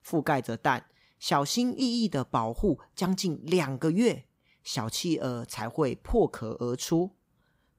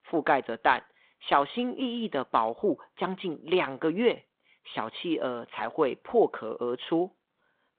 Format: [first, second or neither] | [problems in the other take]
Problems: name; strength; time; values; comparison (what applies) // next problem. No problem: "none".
first | phone-call audio; nothing above 3.5 kHz